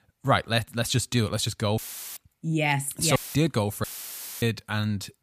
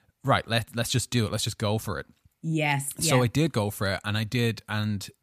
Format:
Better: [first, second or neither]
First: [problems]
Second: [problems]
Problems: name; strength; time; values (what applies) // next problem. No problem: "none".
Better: second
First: audio cutting out; filled with static; at 2 s, at 3 s and at 4 s for 0.5 s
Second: none